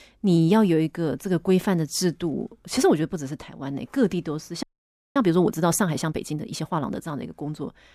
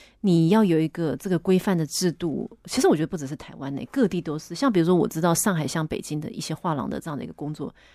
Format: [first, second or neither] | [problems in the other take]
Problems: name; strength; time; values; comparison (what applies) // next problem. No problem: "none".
second | audio freezing; at 4.5 s for 0.5 s